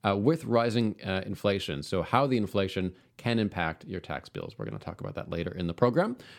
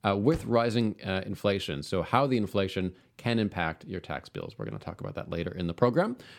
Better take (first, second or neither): first